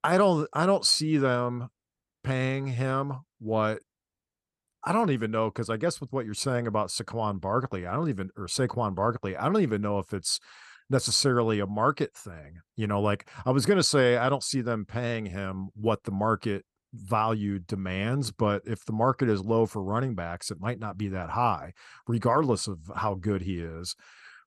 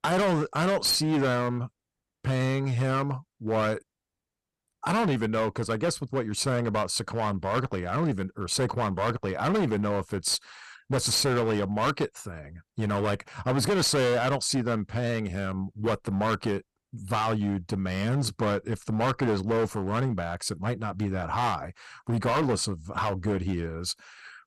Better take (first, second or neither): first